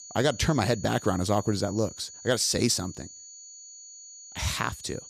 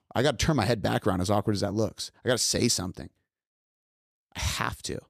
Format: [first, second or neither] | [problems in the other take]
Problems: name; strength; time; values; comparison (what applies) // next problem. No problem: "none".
second | high-pitched whine; noticeable; throughout; 7 kHz, 15 dB below the speech